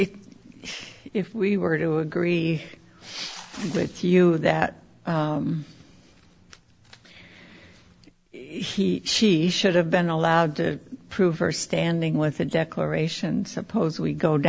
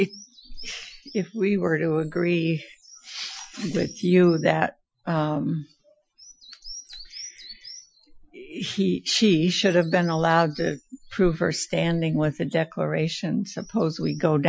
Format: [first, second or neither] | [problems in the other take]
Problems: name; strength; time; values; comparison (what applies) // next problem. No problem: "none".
first | noise reduction (classical method Wiener filter)